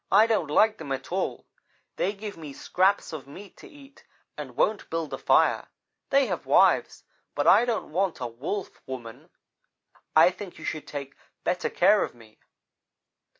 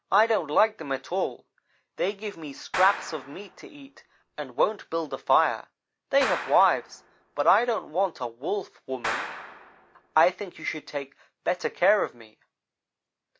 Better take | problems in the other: first | background sound (Clapping); 10 dB below the speech

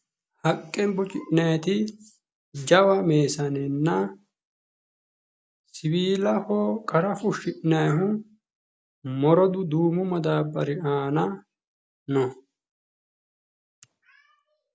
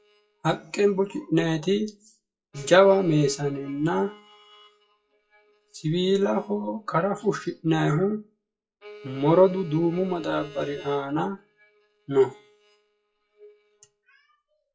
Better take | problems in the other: first | noise reduction (classical method WPE with log-MMSE)

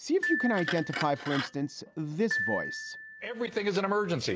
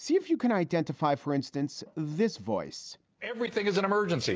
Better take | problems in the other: second | background sound (Glockenspiel + Glass); 6 dB below the speech

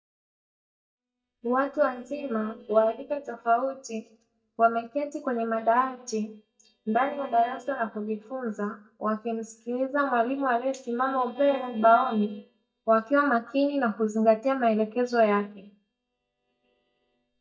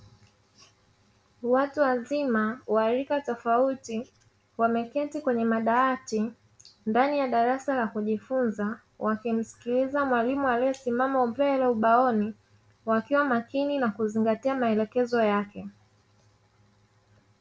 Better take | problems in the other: second | noise reduction (neural mask model DeepFilterNet 3)

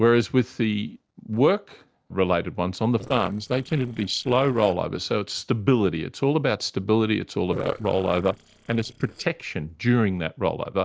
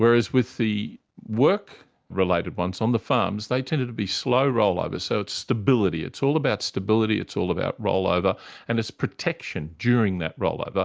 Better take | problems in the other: second | noise reduction (neural separator model SepFormer DNS4)

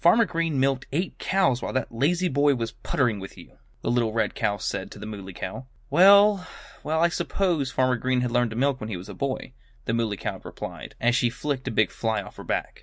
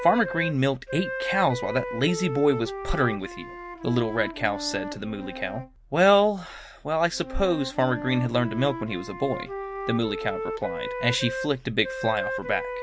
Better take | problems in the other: first | background sound (Wind instrument, woodwind instrument); 8 dB below the speech

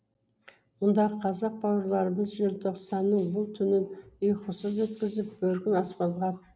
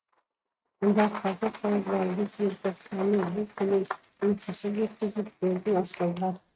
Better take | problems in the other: first | noise reduction (neural mask model RNNoise)

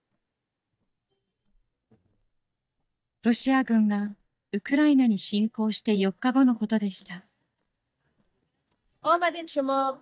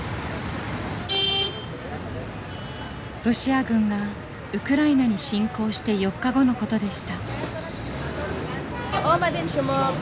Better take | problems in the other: second | noise reduction (neural mask model DeepFilterNet 3)

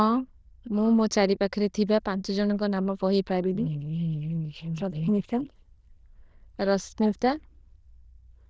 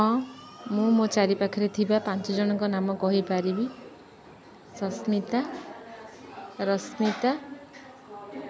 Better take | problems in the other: second | noise reduction (neural diffusion model UNIVERSE++)

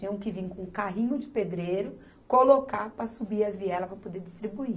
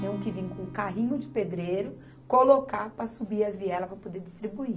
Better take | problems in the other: first | background sound (Acoustic guitar); 16 dB below the speech

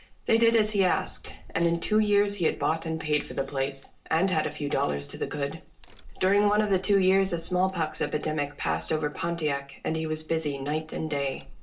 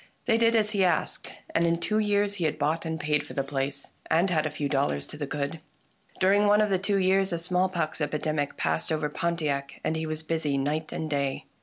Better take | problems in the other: second | background sound (Crack); 19 dB below the speech // room echo; dies away in 0.3 s

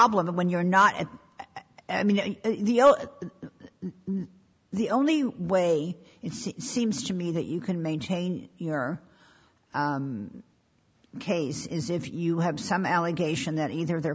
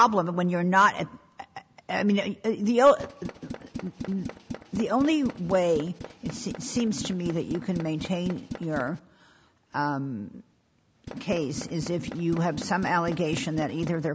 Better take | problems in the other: first | background sound (Tools); 12 dB below the speech

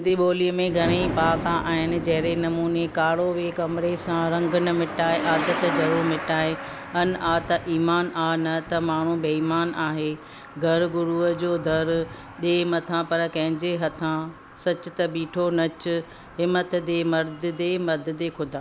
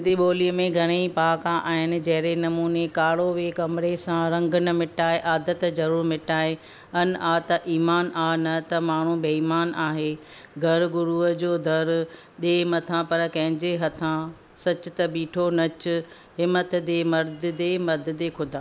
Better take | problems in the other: second | background sound (Truck + Thunder); 11 dB below the speech

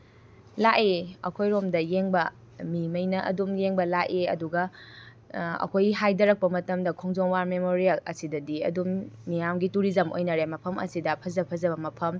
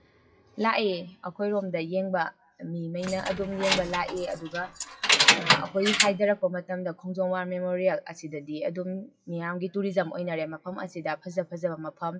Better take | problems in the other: first | noise reduction (classical method WPE with log-MMSE)

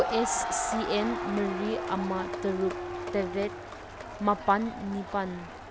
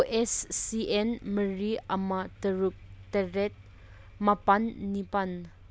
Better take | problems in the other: second | background sound (Wind instrument, woodwind instrument + Crowd); 4 dB below the speech

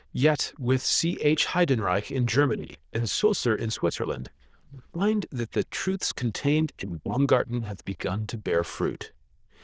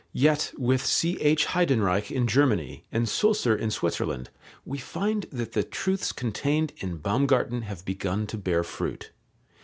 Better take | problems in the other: second | noise reduction (neural diffusion model UNIVERSE++)

